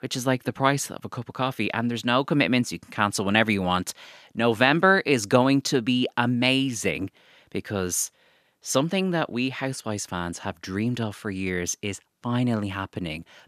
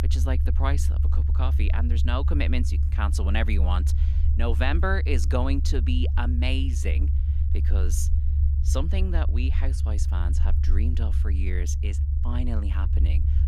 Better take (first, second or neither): first